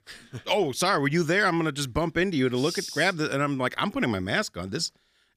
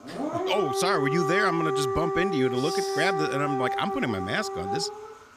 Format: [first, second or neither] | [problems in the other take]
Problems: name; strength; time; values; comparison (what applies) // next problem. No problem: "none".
first | dog barking; loud; peak level with the speech